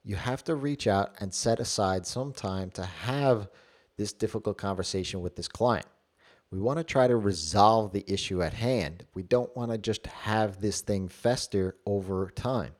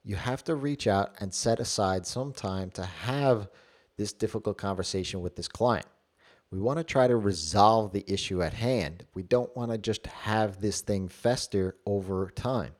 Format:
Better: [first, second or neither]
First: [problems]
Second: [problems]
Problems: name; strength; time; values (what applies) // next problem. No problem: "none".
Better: neither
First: none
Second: none